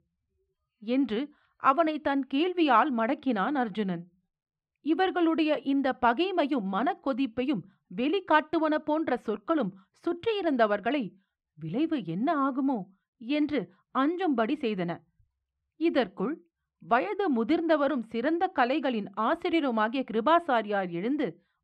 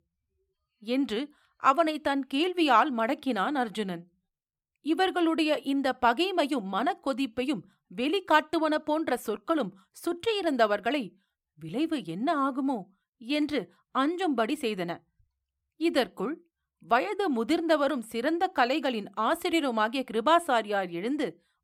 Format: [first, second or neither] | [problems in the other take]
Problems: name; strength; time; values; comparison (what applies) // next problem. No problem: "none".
second | muffled; slightly; fading above 3 kHz